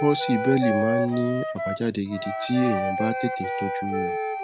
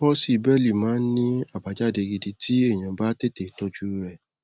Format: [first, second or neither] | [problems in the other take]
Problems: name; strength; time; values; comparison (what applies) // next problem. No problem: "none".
second | background sound (Wind instrument, woodwind instrument + Wind instrument, woodwind instrument); 2 dB below the speech